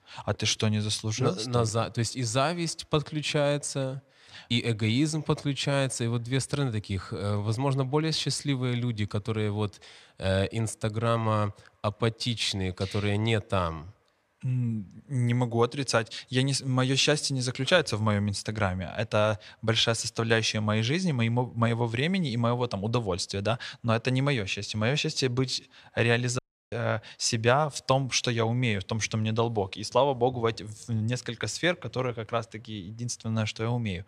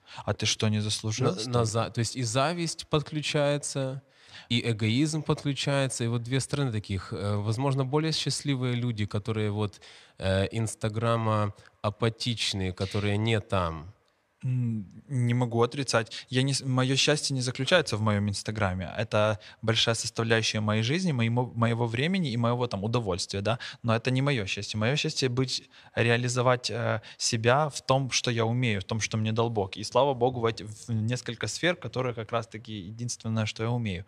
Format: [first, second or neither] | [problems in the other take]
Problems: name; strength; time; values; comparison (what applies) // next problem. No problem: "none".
second | audio cutting out; at 26 s